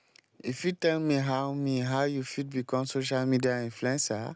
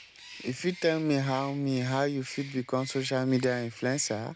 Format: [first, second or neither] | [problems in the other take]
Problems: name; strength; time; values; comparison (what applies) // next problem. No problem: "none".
first | background sound (Bird); 19 dB below the speech